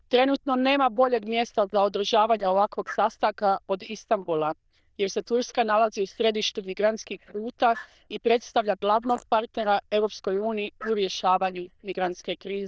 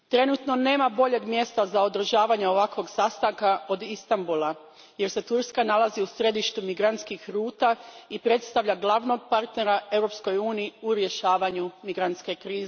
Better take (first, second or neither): second